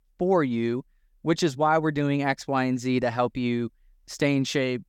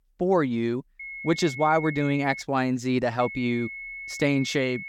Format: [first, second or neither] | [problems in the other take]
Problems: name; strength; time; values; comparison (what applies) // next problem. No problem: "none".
first | high-pitched whine; noticeable; from 1 to 2.5 s and from 3 s on; 2 kHz, 10 dB below the speech